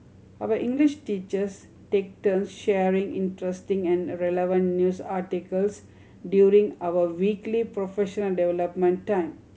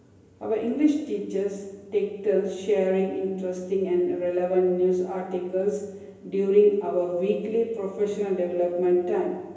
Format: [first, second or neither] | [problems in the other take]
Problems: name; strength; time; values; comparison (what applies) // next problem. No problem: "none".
first | room echo; dies away in 1 s